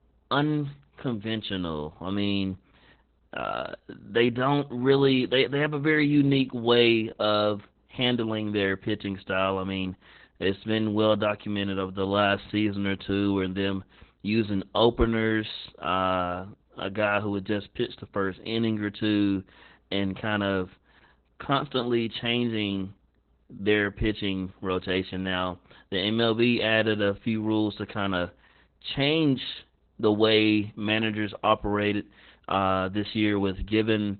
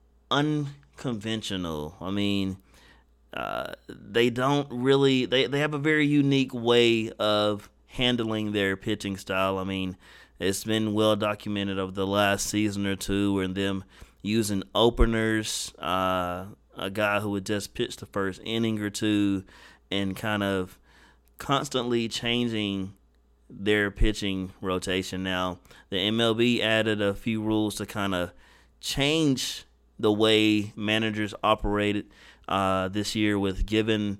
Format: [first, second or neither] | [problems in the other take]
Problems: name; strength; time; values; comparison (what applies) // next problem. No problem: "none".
second | garbled, watery; badly; nothing above 4 kHz